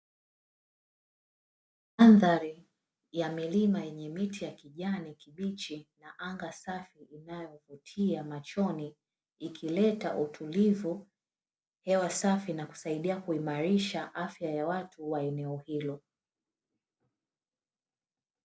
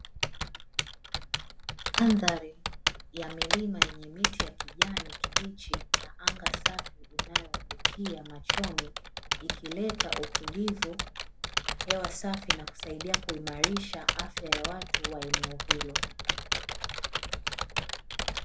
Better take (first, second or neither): first